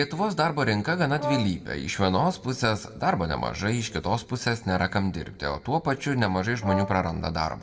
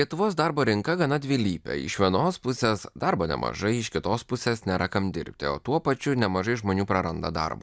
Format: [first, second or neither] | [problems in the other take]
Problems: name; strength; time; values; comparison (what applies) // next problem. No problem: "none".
second | background sound (Brass instrument); 8 dB below the speech // room echo; dies away in 0.8 s